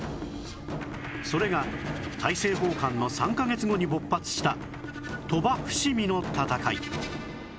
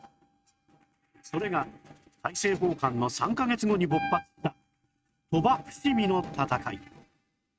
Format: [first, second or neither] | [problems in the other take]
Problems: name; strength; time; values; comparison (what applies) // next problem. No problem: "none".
first | noise reduction (neural mask model RNNoise)